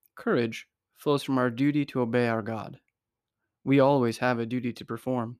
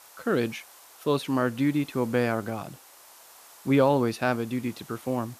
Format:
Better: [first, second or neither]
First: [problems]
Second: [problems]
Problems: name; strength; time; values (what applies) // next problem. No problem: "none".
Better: first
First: none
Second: hiss; faint; throughout; 20 dB below the speech